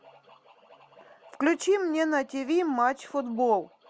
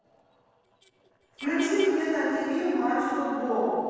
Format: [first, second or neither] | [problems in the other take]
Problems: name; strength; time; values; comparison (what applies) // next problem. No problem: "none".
first | noise reduction (neural separator model SepFormer DNS4)